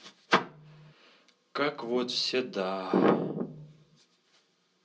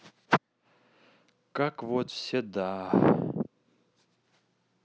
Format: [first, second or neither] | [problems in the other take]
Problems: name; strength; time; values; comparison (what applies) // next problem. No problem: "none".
second | room echo; dies away in 0.2 s